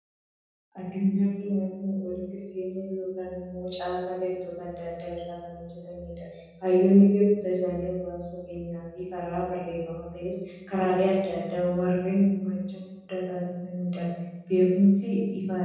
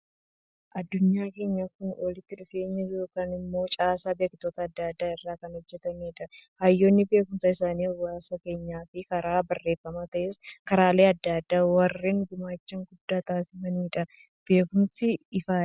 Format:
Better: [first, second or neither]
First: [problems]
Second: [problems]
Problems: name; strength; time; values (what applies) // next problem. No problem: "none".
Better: second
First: room echo; dies away in 1.3 s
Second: none